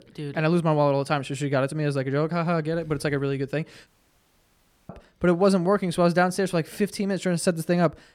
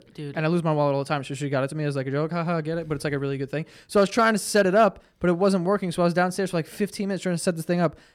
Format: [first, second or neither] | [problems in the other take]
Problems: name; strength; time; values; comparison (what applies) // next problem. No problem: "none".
second | audio cutting out; at 4 s for 1 s